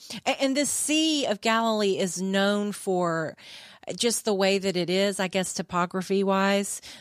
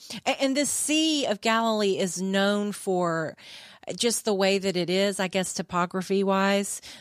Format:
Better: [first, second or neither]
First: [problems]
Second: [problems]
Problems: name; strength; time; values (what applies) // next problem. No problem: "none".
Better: neither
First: none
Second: none